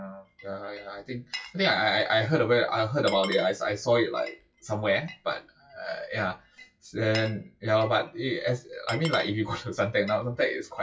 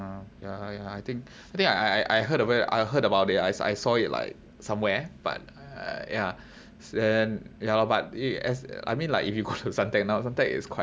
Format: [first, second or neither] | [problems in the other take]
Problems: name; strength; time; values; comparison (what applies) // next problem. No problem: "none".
second | noise reduction (classical method WPE with log-MMSE)